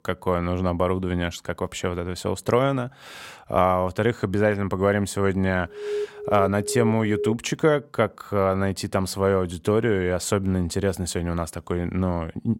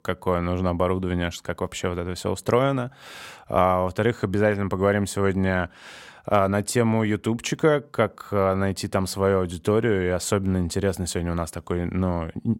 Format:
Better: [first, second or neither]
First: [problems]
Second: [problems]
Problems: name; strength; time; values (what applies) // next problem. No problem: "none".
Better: second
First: alarm; noticeable; from 5.5 to 7.5 s; peak 5 dB below the speech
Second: none